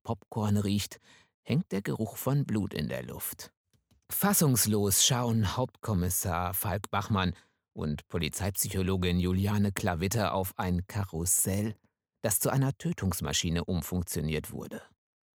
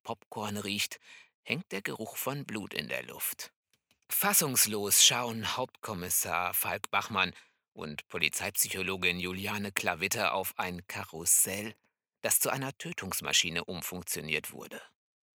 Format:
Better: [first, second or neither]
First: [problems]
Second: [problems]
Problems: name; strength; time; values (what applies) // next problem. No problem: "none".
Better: first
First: none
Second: thin; somewhat; fading below 750 Hz